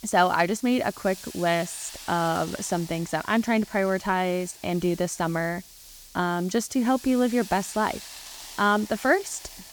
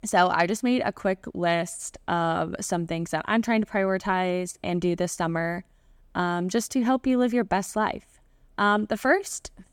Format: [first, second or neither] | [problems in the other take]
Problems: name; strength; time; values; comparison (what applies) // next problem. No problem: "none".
second | hiss; noticeable; throughout; 15 dB below the speech